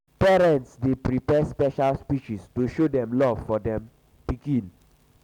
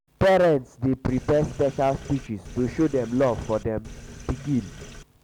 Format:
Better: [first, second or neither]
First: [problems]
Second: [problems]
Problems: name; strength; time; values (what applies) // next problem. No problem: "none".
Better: first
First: none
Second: background sound (Sink (filling or washing)); 16 dB below the speech